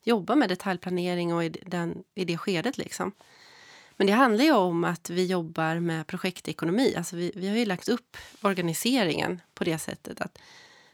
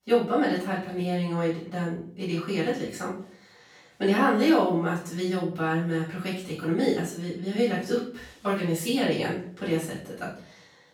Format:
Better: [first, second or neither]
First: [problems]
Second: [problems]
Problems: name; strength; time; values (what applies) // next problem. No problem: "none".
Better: first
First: none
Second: off-mic speech; far // room echo; noticeable; dies away in 0.4 s